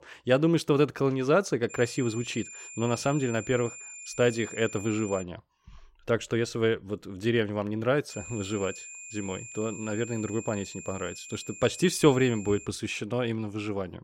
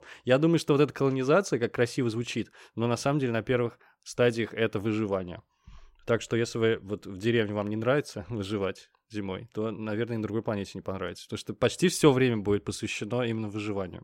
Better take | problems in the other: second | high-pitched whine; noticeable; from 1.5 to 5 s and from 8 to 13 s; 7 kHz, 15 dB below the speech

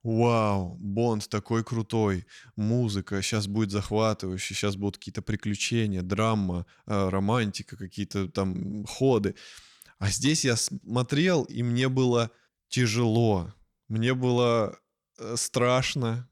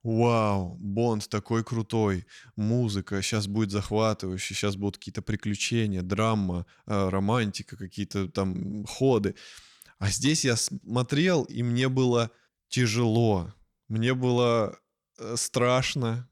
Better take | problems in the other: neither | none

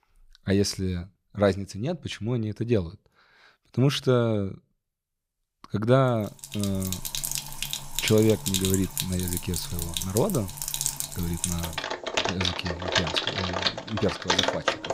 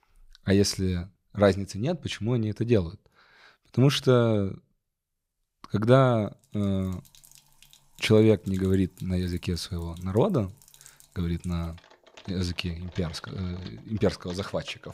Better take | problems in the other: second | household noises; loud; from 6.5 s on; 1 dB below the speech; faint in the second

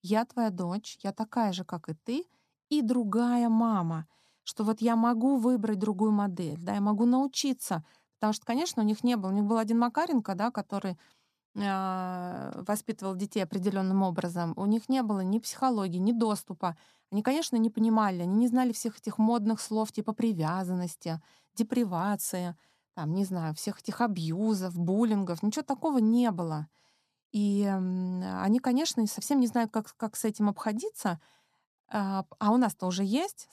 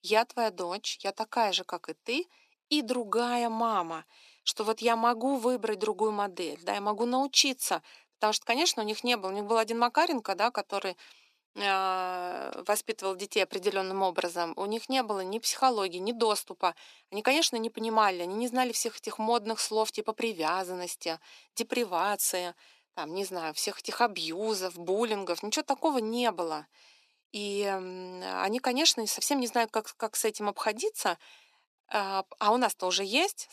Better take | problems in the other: first | thin; somewhat; fading below 350 Hz

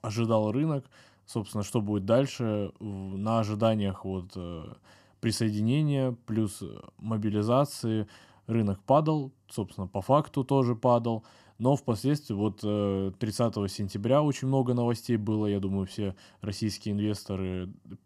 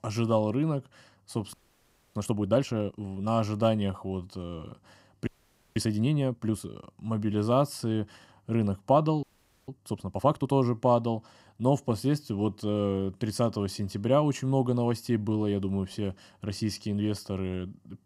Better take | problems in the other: first | audio freezing; at 1.5 s for 0.5 s, at 5.5 s and at 9 s

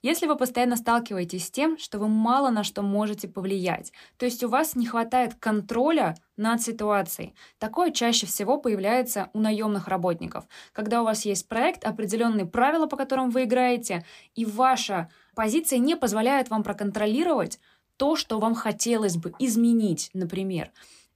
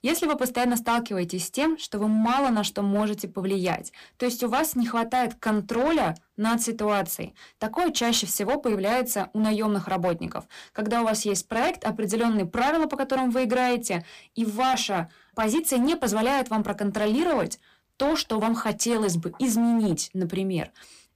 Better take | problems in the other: first | distortion; slight; 12% of the sound clipped

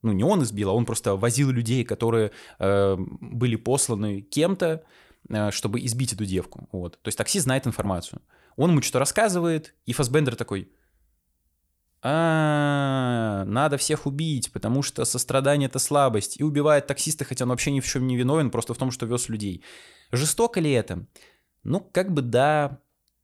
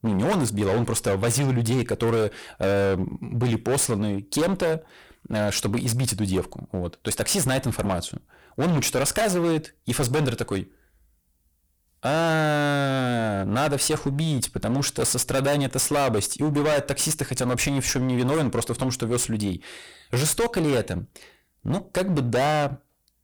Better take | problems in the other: first | distortion; heavy; 20% of the sound clipped

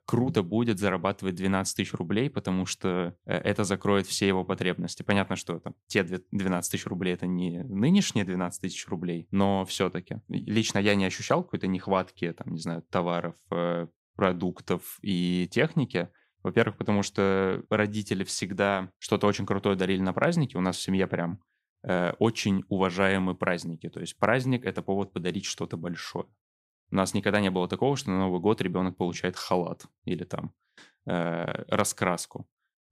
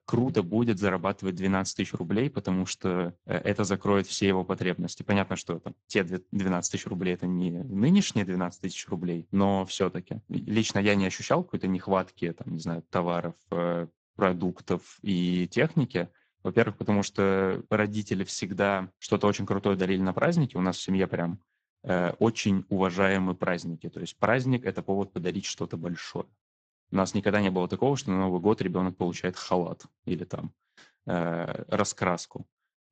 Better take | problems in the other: first | garbled, watery; badly; nothing above 7.5 kHz

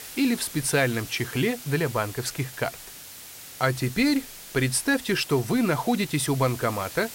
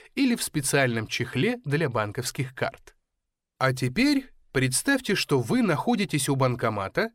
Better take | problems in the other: second | hiss; noticeable; throughout; 15 dB below the speech

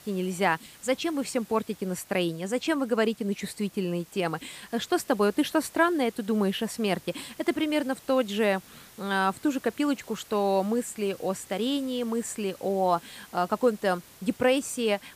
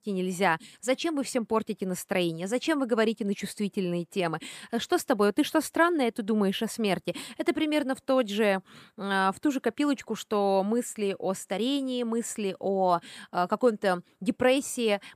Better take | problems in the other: second | hiss; faint; throughout; 20 dB below the speech

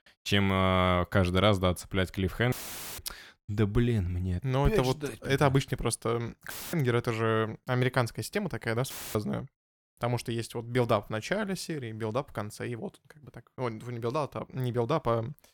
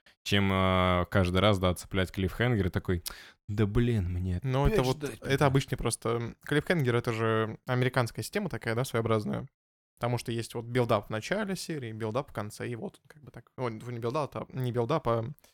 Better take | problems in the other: second | audio cutting out; filled with static; at 2.5 s, at 6.5 s and at 9 s

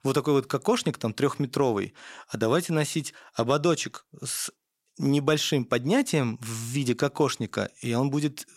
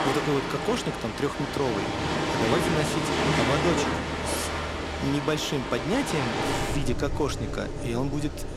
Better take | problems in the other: first | rain or running water; very loud; throughout; 1 dB above the speech

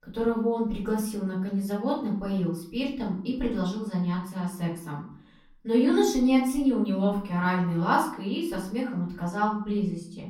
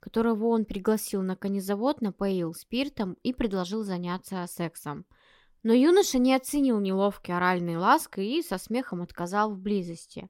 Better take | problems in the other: second | off-mic speech; far // room echo; slight; dies away in 0.5 s

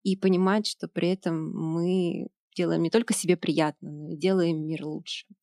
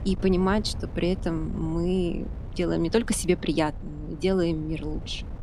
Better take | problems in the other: first | wind noise on the microphone; occasional gusts; 20 dB below the speech

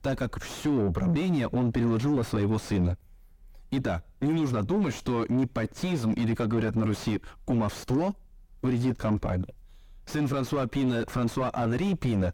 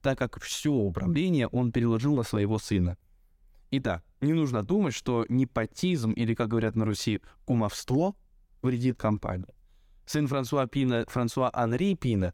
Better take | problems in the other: second | distortion; heavy; 5 dB below the speech

